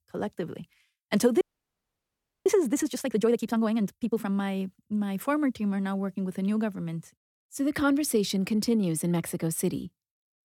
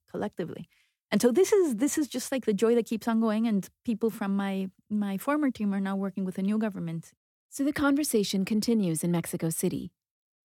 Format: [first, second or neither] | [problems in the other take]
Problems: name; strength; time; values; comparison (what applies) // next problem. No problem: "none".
second | audio freezing; at 1.5 s for 1 s